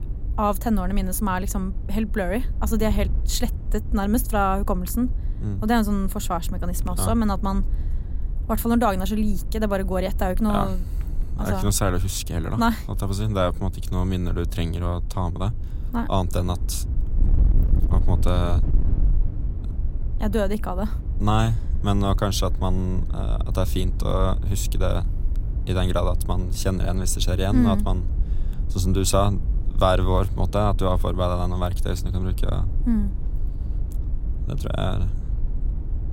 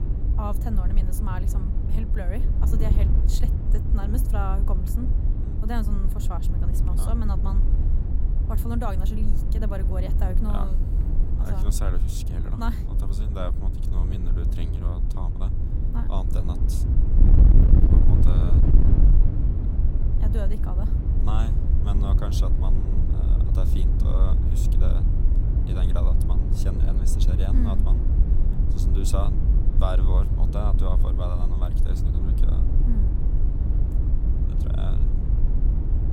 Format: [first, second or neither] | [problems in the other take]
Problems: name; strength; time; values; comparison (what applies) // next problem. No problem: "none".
first | wind noise on the microphone; heavy; 2 dB below the speech; occasional gusts in the first